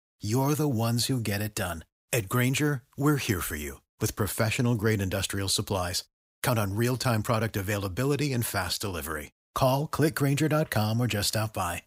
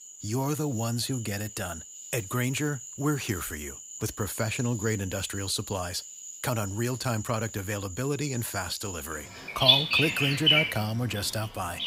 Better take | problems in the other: first | animal sounds; very loud; throughout; 2 dB above the speech

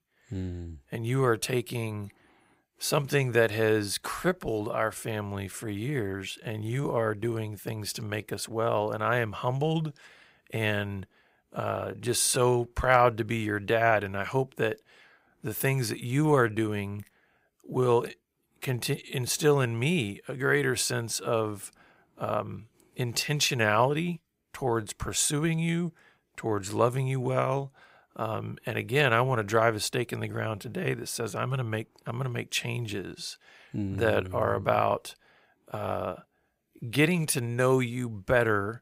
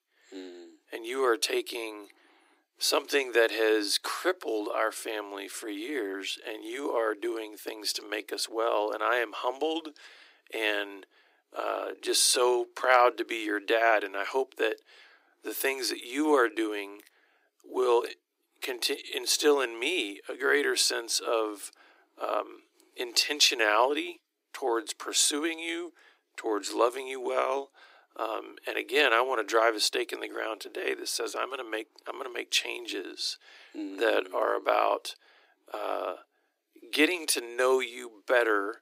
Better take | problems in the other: first | thin; somewhat; fading below 300 Hz

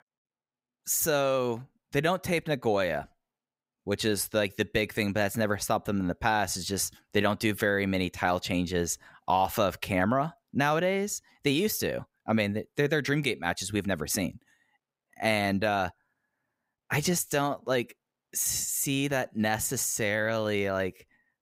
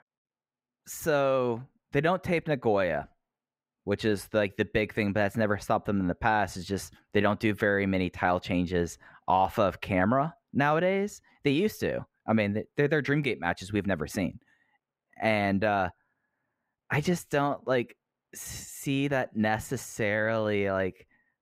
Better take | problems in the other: first | muffled; slightly; fading above 3.5 kHz

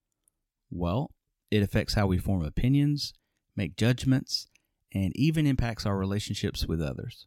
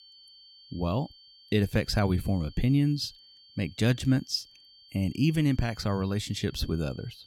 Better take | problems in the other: first | high-pitched whine; faint; throughout; 4.5 kHz, 25 dB below the speech

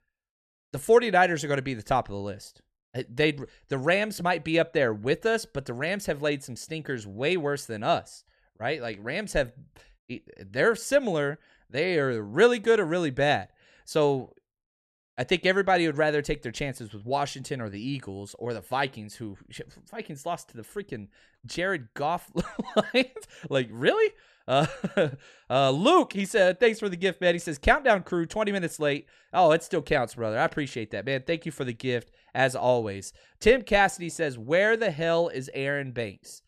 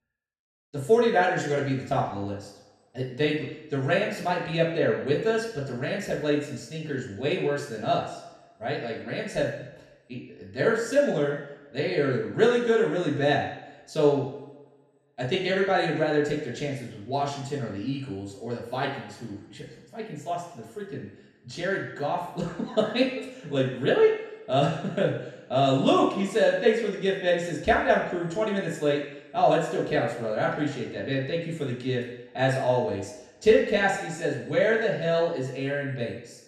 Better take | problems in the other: first | room echo; noticeable; dies away in 0.8 s // off-mic speech; far

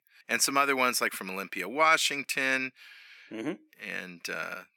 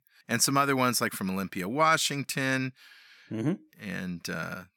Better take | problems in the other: second | thin; somewhat; fading below 400 Hz

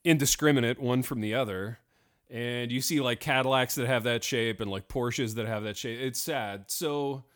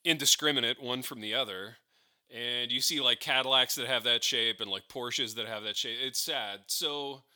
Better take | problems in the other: first | thin; somewhat; fading below 650 Hz

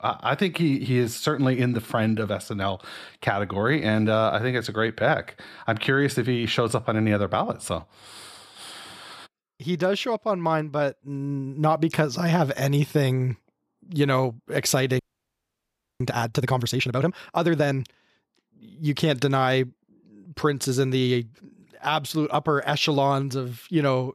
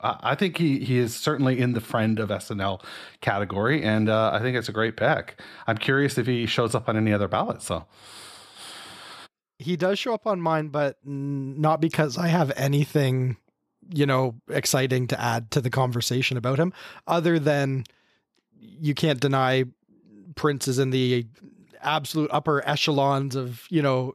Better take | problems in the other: second | audio freezing; at 15 s for 1 s

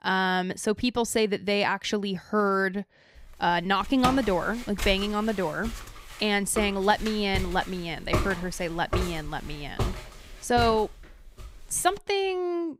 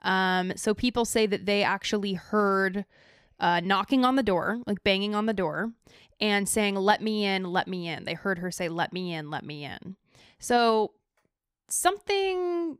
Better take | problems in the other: second | footsteps; noticeable; from 4 to 12 s; peak 2 dB below the speech

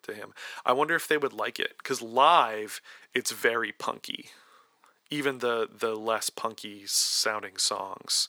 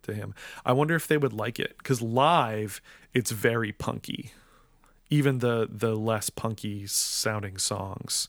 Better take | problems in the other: second | thin; somewhat; fading below 400 Hz

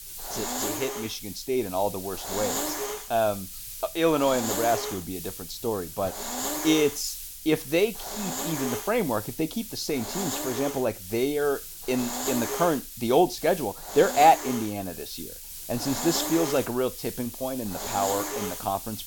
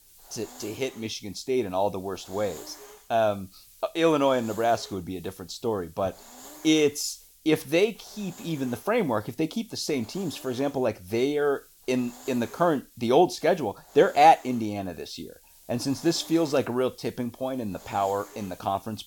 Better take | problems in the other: second | hiss; loud; throughout; 6 dB below the speech; faint in the second

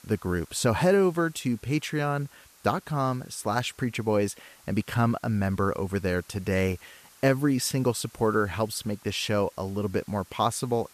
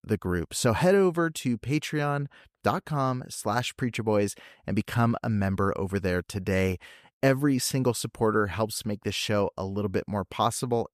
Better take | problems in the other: second | hiss; faint; throughout; 25 dB below the speech

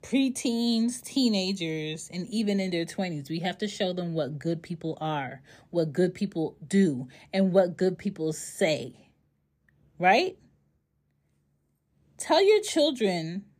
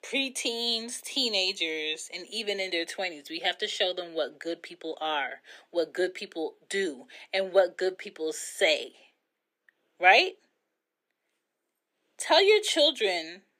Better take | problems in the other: first | thin; very; fading below 350 Hz

